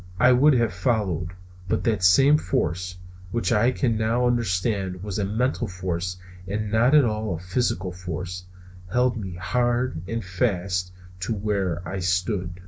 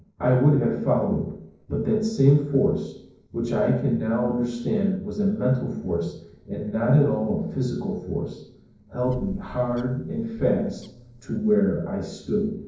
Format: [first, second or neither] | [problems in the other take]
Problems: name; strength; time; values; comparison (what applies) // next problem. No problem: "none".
first | noise reduction (neural separator model SepFormer DNS4)